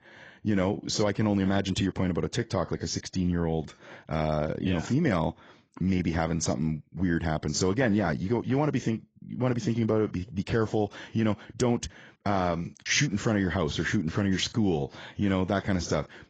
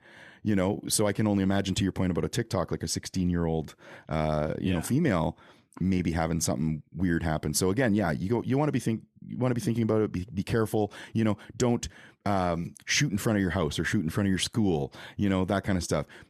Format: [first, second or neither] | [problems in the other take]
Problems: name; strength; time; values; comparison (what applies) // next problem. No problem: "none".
second | garbled, watery; badly; nothing above 7.5 kHz